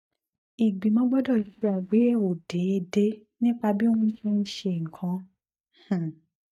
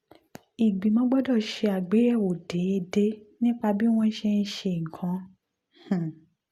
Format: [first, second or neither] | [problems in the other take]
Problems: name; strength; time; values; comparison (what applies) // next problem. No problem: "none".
second | noise reduction (neural mask model DeepFilterNet 3)